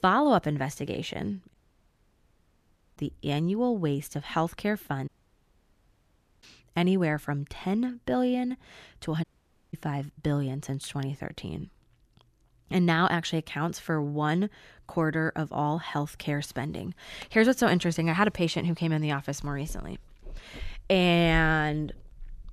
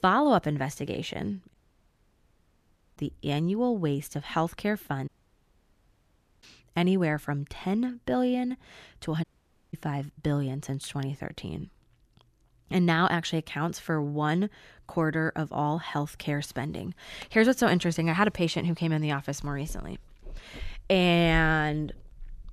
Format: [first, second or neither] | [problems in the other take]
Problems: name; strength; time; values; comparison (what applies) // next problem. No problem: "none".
neither | audio cutting out; at 1.5 s for 1.5 s, at 5 s for 1.5 s and at 9 s; the same in both